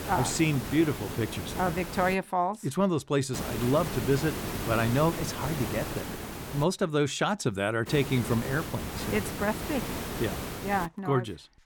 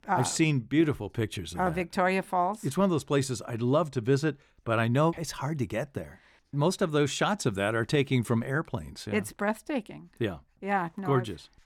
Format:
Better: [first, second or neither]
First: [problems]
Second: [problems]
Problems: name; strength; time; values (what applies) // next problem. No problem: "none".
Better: second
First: hiss; loud; until 2 s, from 3.5 to 6.5 s and from 8 to 11 s; 7 dB below the speech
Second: none